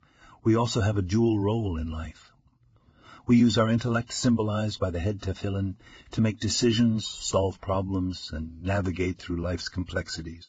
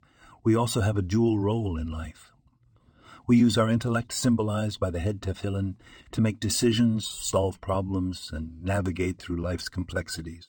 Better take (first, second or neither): second